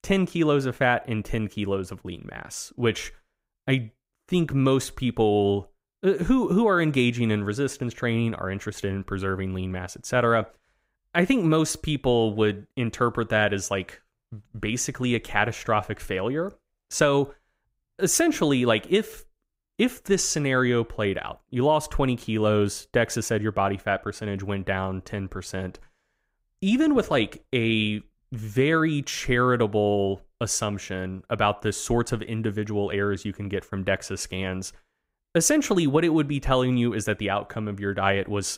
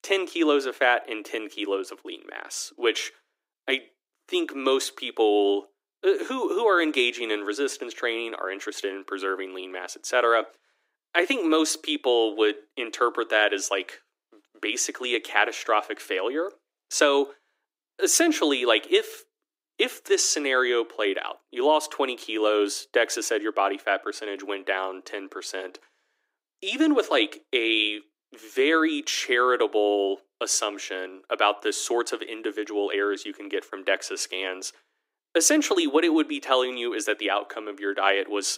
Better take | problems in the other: first | thin; somewhat; fading below 300 Hz

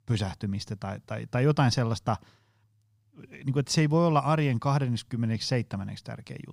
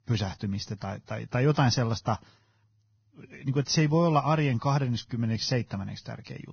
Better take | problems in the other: first | garbled, watery; badly; nothing above 6 kHz

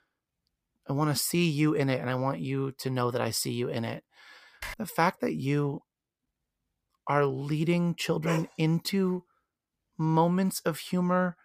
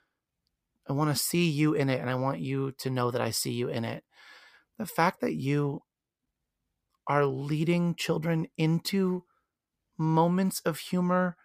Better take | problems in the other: second | keyboard typing; faint; at 4.5 s; peak 10 dB below the speech // dog barking; noticeable; at 8.5 s; peak 7 dB below the speech

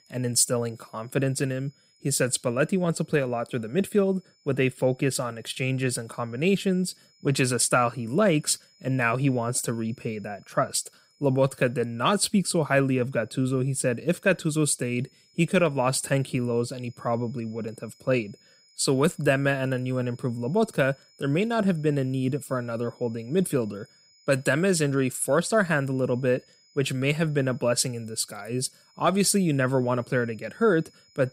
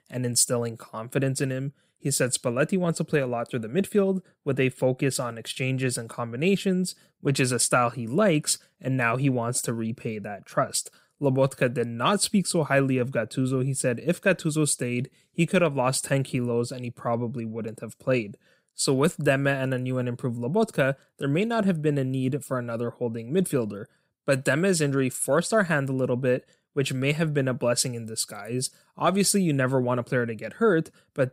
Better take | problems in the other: second | high-pitched whine; faint; throughout; 5 kHz, 30 dB below the speech

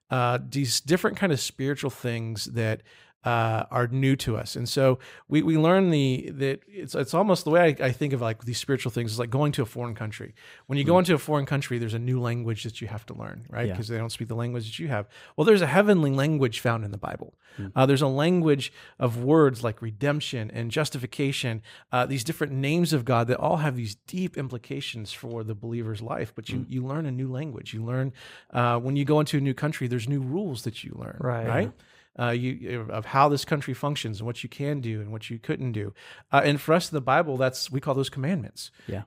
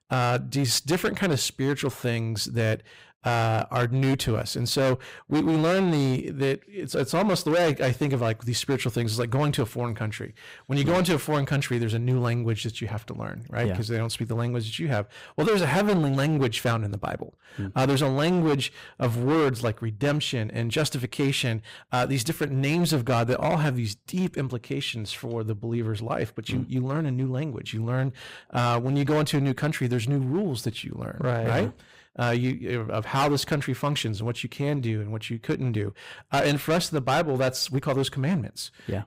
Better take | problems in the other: first | distortion; heavy; 11% of the sound clipped

